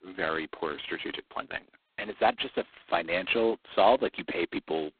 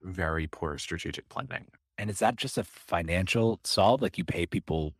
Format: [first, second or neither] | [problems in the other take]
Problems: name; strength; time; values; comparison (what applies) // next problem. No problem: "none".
second | phone-call audio; poor line; nothing above 4 kHz